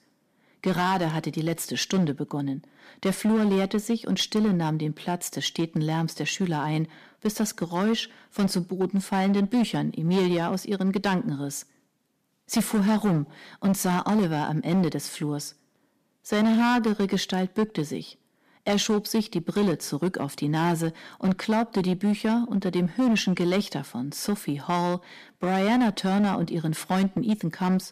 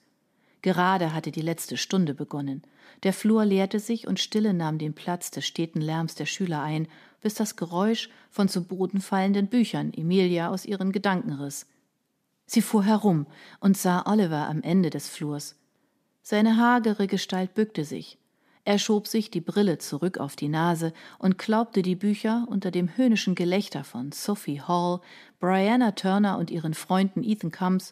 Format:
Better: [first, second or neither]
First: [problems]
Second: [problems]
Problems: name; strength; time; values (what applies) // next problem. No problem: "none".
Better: second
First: distortion; slight; 9% of the sound clipped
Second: none